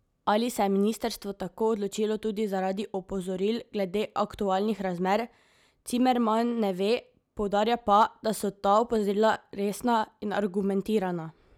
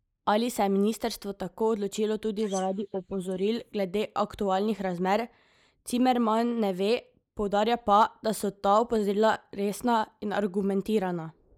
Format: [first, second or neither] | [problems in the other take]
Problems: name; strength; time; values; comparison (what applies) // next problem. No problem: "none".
first | noise reduction (neural mask model Resemble Enhance denoiser)